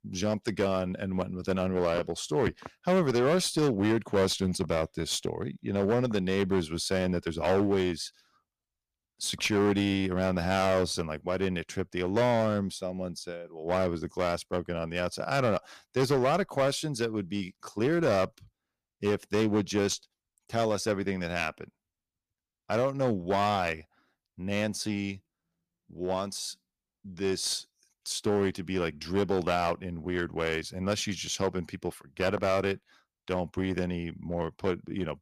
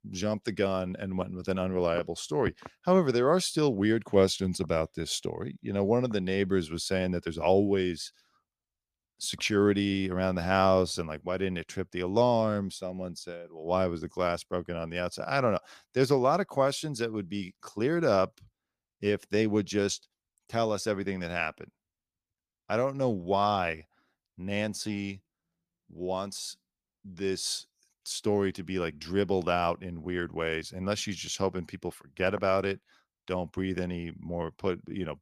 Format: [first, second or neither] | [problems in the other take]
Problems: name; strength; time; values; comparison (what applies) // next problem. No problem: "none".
second | distortion; slight; 7% of the sound clipped